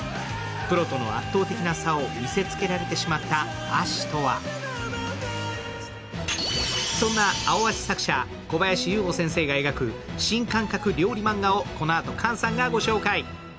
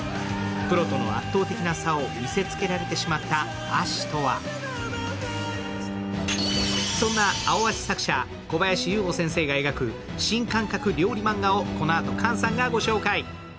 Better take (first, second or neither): first